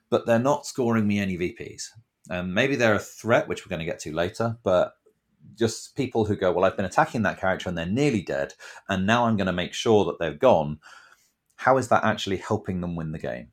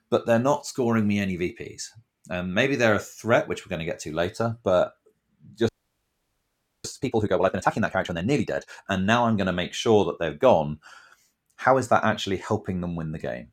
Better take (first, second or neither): first